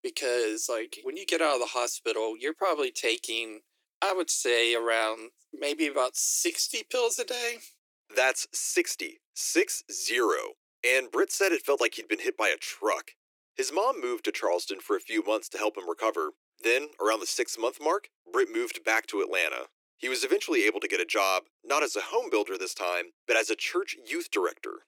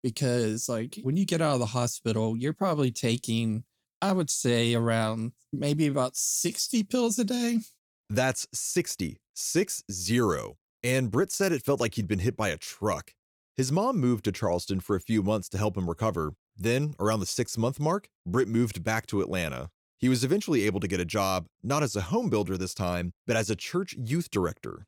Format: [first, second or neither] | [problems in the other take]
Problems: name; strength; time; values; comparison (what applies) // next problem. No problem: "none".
second | thin; very; fading below 300 Hz